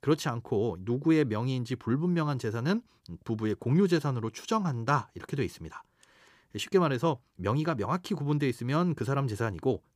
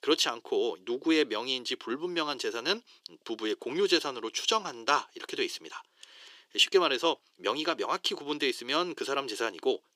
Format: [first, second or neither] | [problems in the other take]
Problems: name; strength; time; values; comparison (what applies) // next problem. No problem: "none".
first | thin; very; fading below 350 Hz